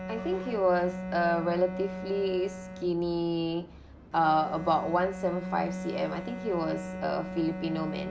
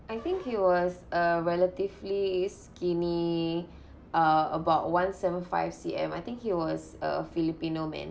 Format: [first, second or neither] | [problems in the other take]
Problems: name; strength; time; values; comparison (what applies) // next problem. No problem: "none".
second | background sound (Bowed string instrument); 8 dB below the speech